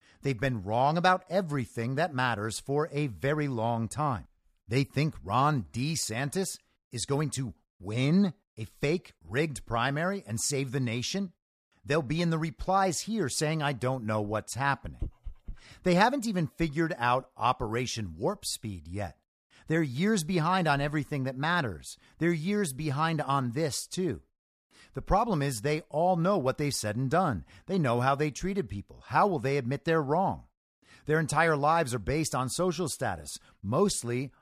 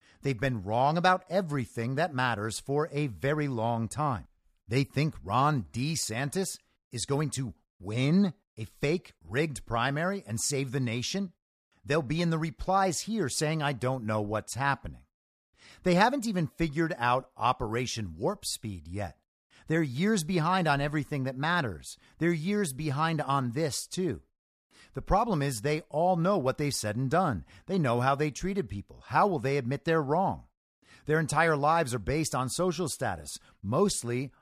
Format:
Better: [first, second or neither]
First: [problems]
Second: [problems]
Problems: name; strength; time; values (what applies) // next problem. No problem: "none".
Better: second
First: dog barking; faint; at 15 s; peak 15 dB below the speech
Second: none